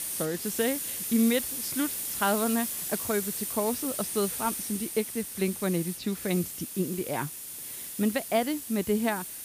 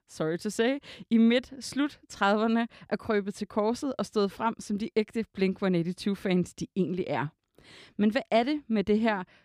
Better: second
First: hiss; loud; throughout; 3 dB below the speech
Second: none

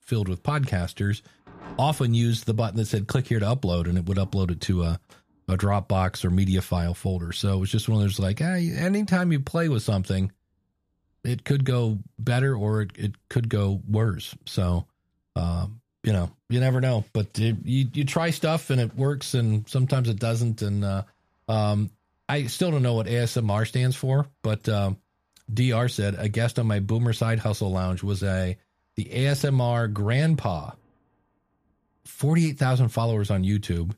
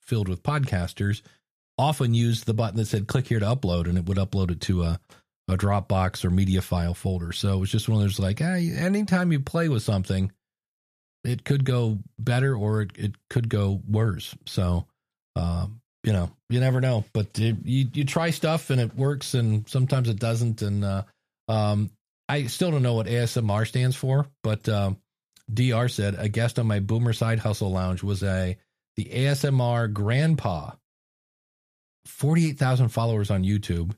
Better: second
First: rain or running water; faint; throughout; 30 dB below the speech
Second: none

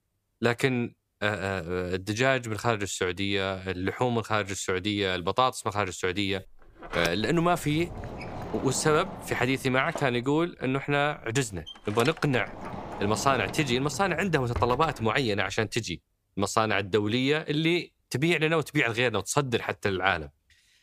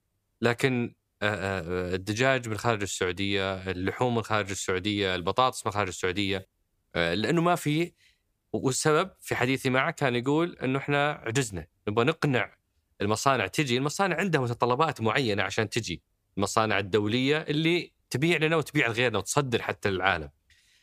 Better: second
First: door banging; noticeable; from 7 to 15 s; peak 6 dB below the speech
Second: none

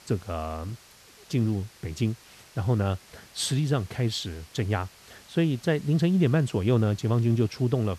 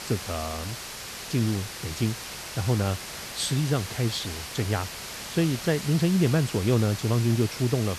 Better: first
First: hiss; faint; throughout; 25 dB below the speech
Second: hiss; loud; throughout; 8 dB below the speech

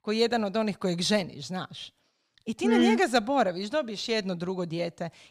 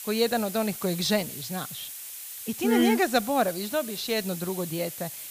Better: first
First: none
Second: hiss; loud; throughout; 9 dB below the speech

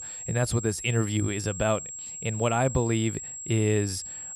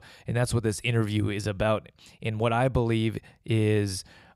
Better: second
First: high-pitched whine; loud; throughout; 7.5 kHz, 8 dB below the speech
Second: none

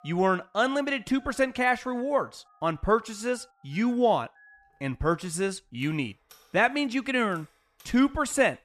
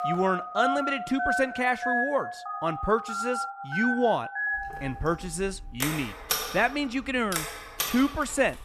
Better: first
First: alarms or sirens; faint; throughout; 30 dB below the speech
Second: alarms or sirens; loud; throughout; 3 dB below the speech

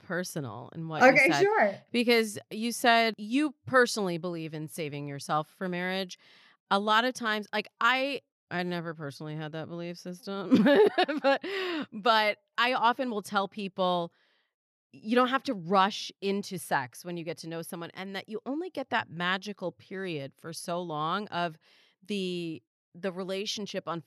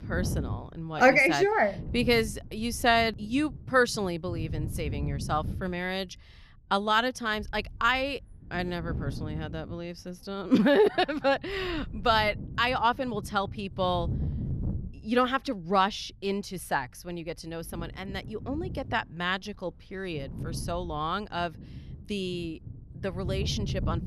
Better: first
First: none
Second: wind noise on the microphone; occasional gusts; 20 dB below the speech

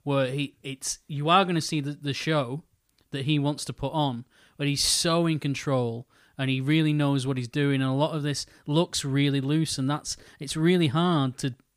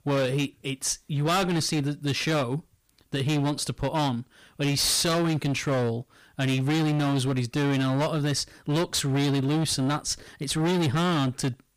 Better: first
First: none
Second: distortion; heavy; 22% of the sound clipped

